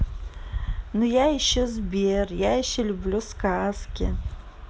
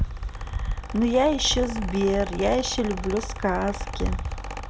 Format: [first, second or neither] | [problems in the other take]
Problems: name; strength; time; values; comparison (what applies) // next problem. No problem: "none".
first | background sound (Mechanical fan); 10 dB below the speech